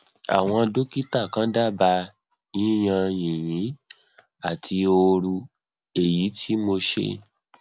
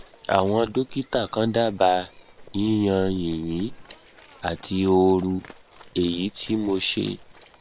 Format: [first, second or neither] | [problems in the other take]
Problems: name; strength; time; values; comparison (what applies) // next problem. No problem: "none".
first | noise reduction (neural separator model SepFormer WHAM!)